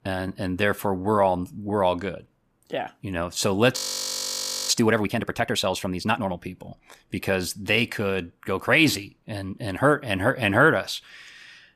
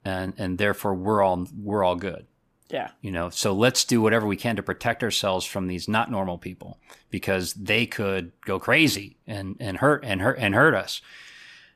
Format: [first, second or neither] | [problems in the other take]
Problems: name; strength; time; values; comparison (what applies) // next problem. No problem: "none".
second | audio freezing; at 4 s for 1 s